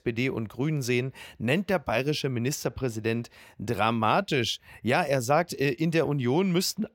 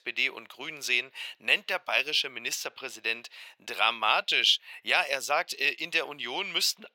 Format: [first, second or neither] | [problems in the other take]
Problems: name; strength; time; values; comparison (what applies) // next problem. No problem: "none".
first | thin; very; fading below 800 Hz